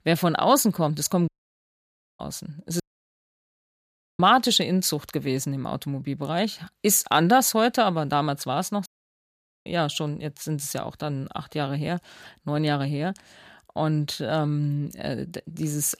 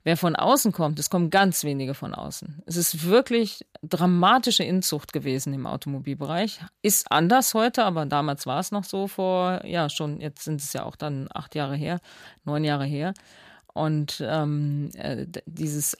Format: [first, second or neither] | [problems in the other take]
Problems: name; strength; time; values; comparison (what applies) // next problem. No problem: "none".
second | audio cutting out; at 1.5 s for 1 s, at 3 s for 1.5 s and at 9 s for 1 s